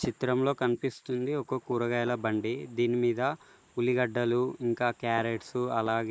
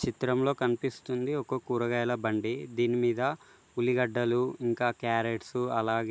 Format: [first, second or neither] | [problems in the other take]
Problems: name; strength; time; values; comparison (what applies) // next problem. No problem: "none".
second | noise reduction (neural mask model Resemble Enhance denoiser)